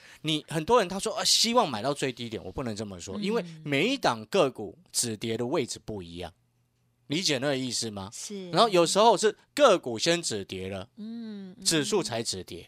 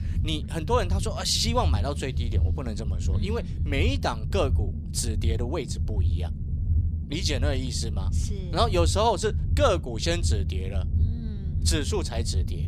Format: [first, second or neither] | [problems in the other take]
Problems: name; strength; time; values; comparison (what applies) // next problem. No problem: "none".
first | low rumble; noticeable; throughout; 15 dB below the speech